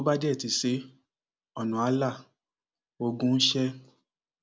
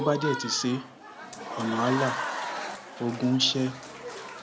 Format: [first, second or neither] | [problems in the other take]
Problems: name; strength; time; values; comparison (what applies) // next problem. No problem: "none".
first | background sound (Applause / Crowd); 6 dB below the speech